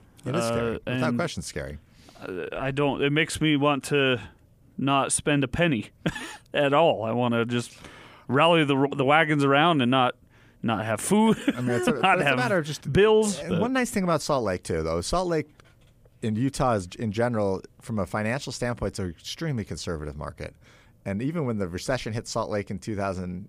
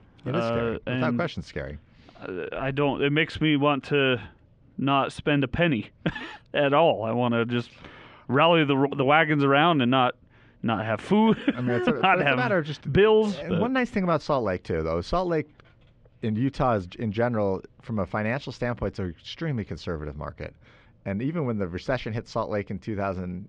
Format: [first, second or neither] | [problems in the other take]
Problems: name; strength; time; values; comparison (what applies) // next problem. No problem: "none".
first | muffled; slightly; fading above 4 kHz